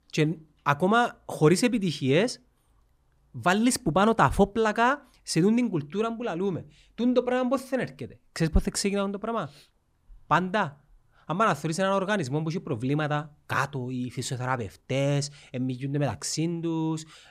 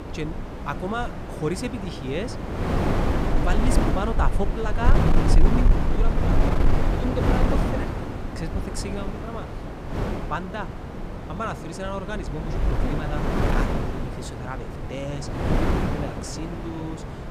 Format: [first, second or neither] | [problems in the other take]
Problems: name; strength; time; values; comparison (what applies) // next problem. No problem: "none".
first | wind noise on the microphone; heavy; 2 dB above the speech